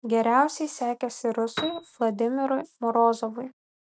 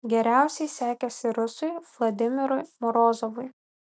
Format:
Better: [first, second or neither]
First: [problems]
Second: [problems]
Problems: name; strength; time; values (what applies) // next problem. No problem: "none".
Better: second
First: noise reduction (neural mask model RNNoise)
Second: none